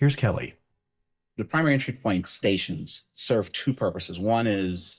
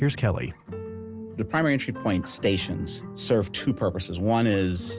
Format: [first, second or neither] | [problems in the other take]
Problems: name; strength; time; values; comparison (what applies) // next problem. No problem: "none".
second | noise reduction (neural mask model DeepFilterNet 3)